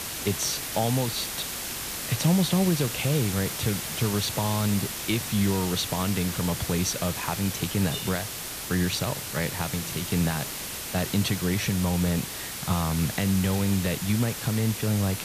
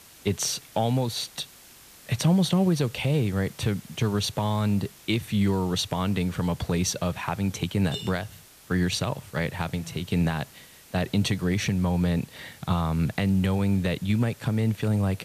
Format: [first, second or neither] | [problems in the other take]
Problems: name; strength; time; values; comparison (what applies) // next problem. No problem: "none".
second | hiss; loud; throughout; 4 dB below the speech; faint in the second